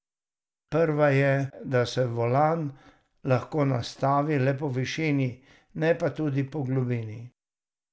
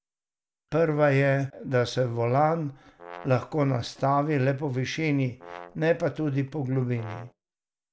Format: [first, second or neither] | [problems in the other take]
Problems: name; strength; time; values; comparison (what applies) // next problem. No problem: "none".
first | background sound (Brass instrument); 18 dB below the speech